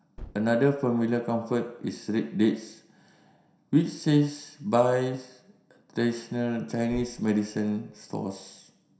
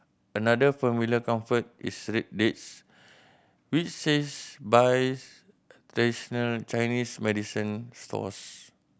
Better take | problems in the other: second | background sound (Gunshot, gunfire); 19 dB below the speech // room echo; dies away in 0.7 s

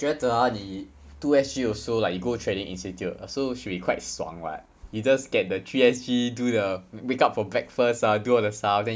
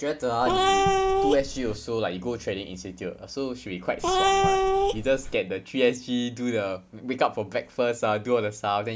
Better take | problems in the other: first | background sound (Cat); 5 dB above the speech

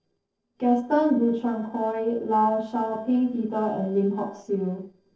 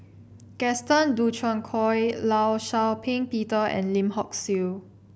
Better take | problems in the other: second | noise reduction (neural separator model SepFormer DNS4)

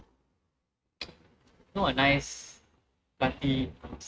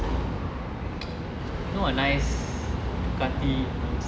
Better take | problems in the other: second | noise reduction (neural mask model RNNoise)

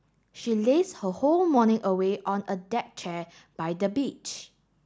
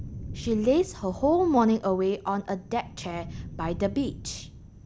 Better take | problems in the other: first | background sound (Thunder); 13 dB below the speech

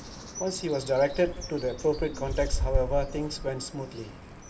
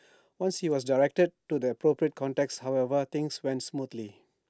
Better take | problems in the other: second | background sound (Bird); 4 dB below the speech // room echo; dies away in 2.1 s

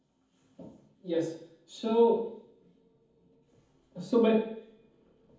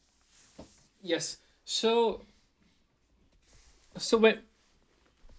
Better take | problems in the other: second | room echo; dies away in 0.7 s

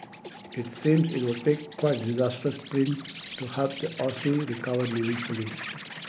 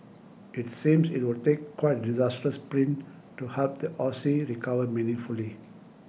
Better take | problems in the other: second | background sound (Insect); 13 dB below the speech

